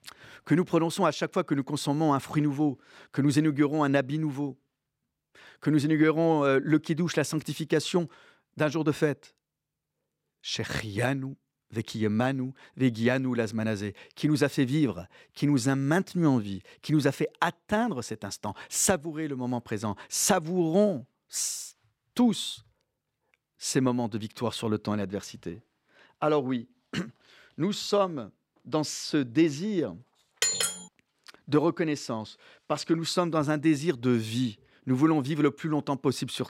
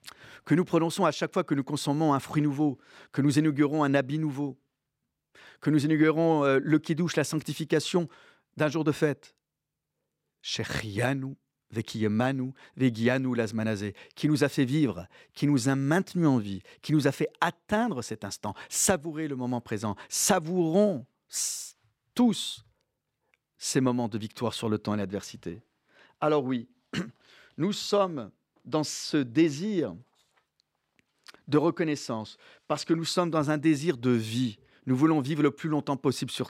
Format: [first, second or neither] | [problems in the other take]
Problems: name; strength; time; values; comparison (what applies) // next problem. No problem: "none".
second | clattering dishes; loud; at 30 s; peak 3 dB above the speech